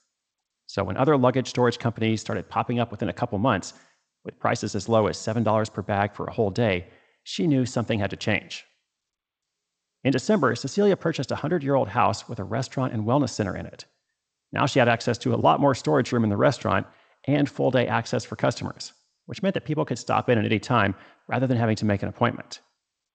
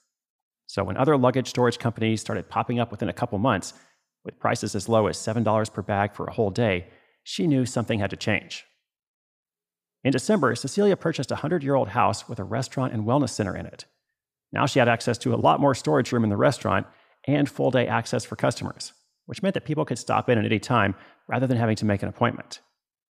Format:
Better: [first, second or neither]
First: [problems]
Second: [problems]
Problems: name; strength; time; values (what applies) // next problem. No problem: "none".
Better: second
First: garbled, watery; slightly; nothing above 8 kHz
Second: none